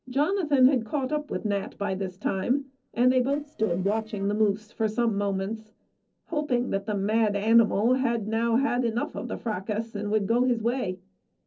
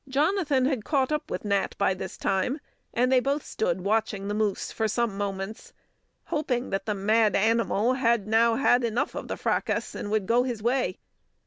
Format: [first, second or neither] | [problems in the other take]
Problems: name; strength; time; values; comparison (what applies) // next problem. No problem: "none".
second | noise reduction (neural separator model SepFormer DNS4)